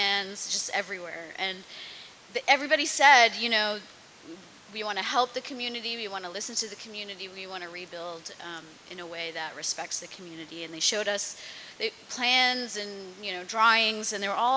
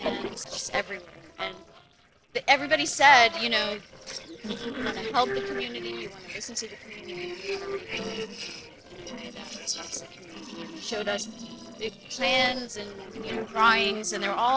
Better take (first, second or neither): first